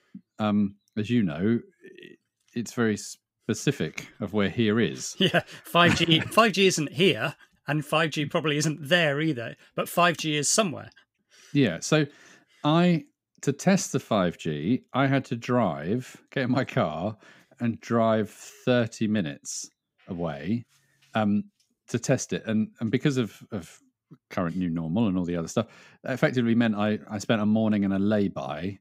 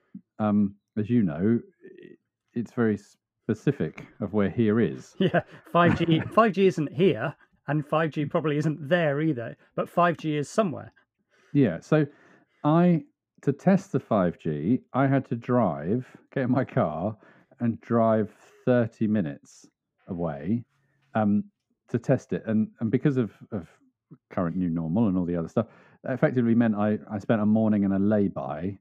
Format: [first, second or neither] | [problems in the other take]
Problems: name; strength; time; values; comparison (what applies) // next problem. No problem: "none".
first | muffled; very; fading above 2.5 kHz